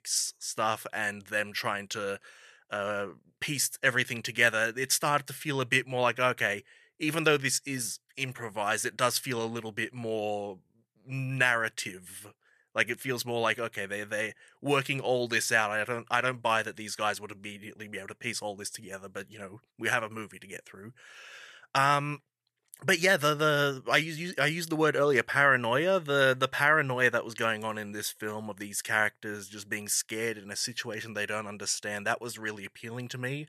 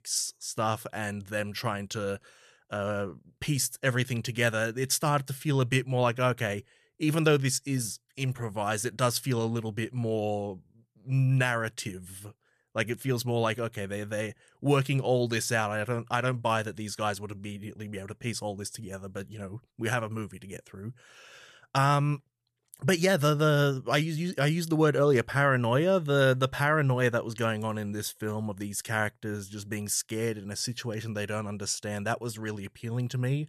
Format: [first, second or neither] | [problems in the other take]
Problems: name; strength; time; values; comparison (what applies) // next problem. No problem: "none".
second | thin; somewhat; fading below 400 Hz